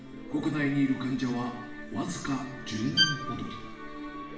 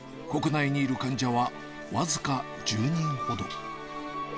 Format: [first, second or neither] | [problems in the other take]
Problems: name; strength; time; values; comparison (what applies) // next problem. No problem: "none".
second | background sound (Bowed string instrument); 1 dB above the speech // room echo; dies away in 0.8 s